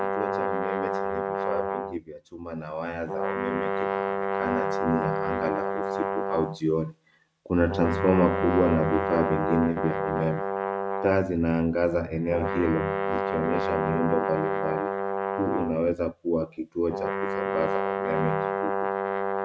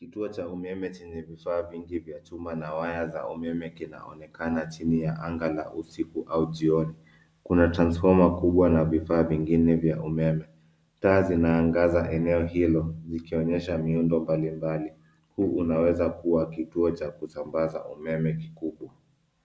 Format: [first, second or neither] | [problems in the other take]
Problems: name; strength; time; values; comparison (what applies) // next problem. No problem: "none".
second | noise reduction (neural mask model RNNoise)